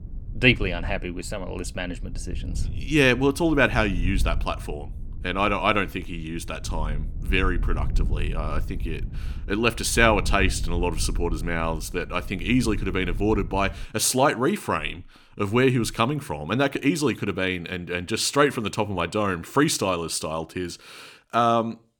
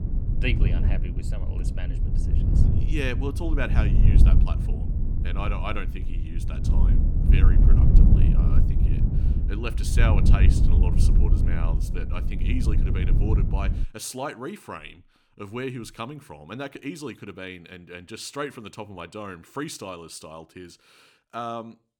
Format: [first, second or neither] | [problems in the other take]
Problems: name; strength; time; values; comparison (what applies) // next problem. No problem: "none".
first | low rumble; loud; until 14 s; 3 dB below the speech; faint in the first